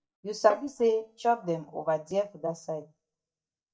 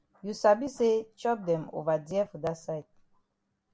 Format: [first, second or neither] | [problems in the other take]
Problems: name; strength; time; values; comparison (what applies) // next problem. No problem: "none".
second | noise reduction (neural mask model DeepFilterNet 3)